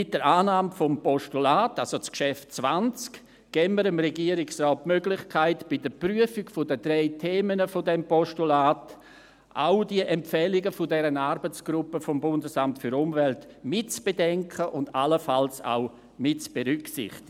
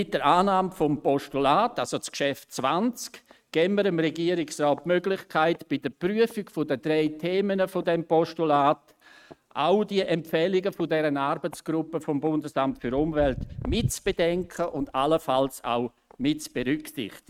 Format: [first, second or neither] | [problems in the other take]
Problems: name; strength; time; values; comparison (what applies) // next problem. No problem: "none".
first | noise reduction (neural mask model RNNoise)